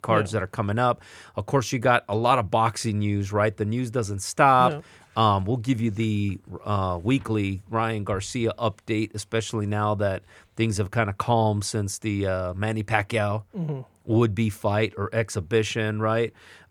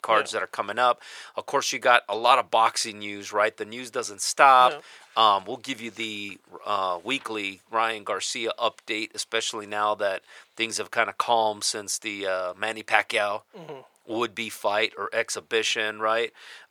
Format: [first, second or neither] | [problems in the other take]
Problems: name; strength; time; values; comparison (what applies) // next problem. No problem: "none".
first | thin; very; fading below 600 Hz